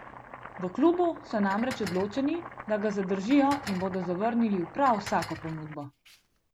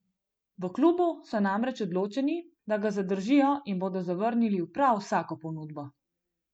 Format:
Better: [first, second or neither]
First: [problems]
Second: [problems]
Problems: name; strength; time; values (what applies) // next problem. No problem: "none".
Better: second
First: background sound (Domestic sounds, home sounds + Dishes, pots, and pans); 14 dB below the speech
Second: none